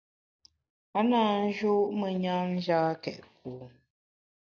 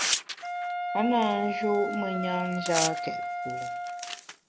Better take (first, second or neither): first